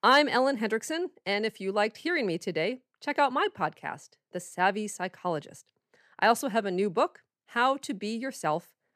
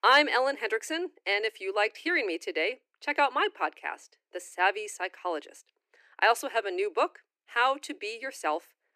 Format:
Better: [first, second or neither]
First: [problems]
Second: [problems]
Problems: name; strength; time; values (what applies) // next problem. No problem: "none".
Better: first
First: none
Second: thin; somewhat; fading below 300 Hz